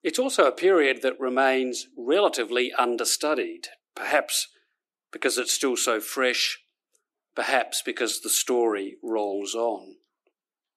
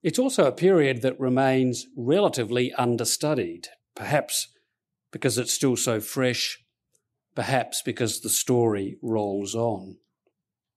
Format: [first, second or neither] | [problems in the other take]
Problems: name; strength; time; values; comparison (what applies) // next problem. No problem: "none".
second | thin; somewhat; fading below 300 Hz